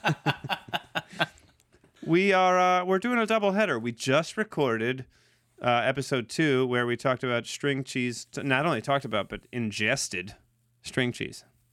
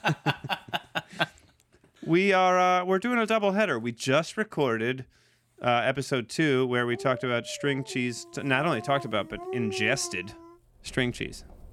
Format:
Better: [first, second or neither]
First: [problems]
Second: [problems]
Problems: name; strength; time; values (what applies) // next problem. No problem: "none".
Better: first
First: none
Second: animal sounds; noticeable; from 6 s on; 15 dB below the speech